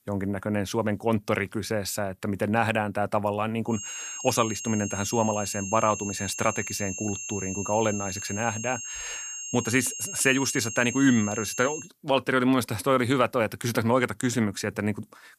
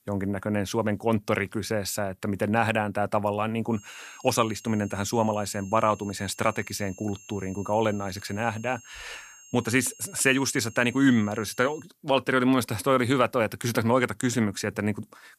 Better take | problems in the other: second | high-pitched whine; loud; from 3.5 to 12 s; 6.5 kHz, 7 dB below the speech; faint in the second

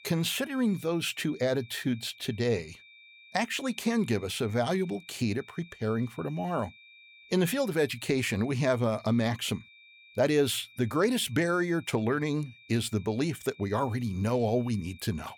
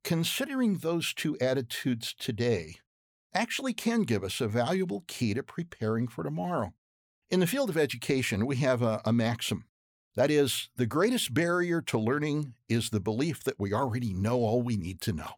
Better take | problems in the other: second | high-pitched whine; faint; throughout; 2.5 kHz, 25 dB below the speech

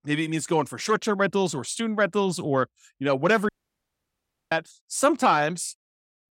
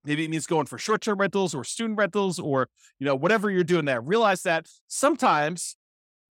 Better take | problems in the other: second | audio cutting out; at 3.5 s for 1 s

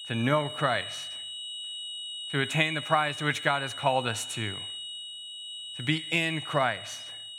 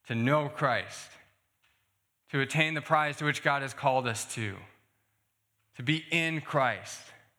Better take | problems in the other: second | high-pitched whine; loud; throughout; 3 kHz, 8 dB below the speech

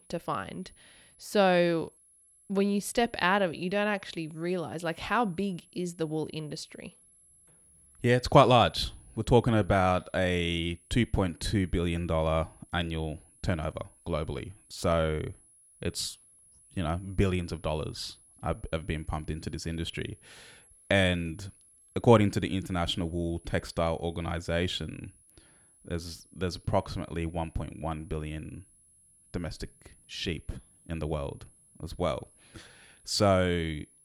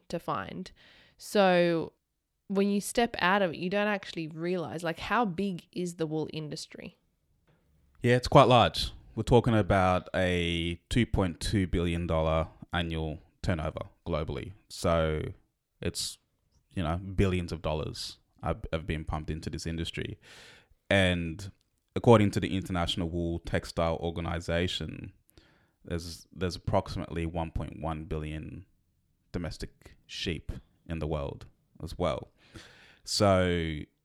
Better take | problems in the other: second | high-pitched whine; faint; throughout; 11 kHz, 30 dB below the speech

